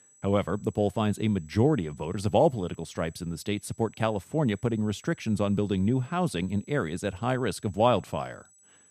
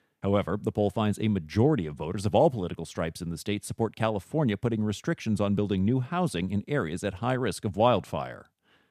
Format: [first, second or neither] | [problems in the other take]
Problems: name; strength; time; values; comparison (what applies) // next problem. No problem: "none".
second | high-pitched whine; faint; throughout; 8 kHz, 30 dB below the speech